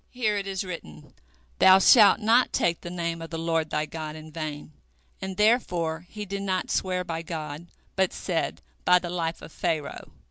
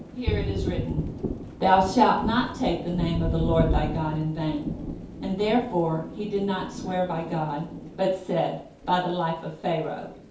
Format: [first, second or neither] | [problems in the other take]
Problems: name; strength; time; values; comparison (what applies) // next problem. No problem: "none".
first | background sound (Thunder); 6 dB below the speech // room echo; dies away in 0.6 s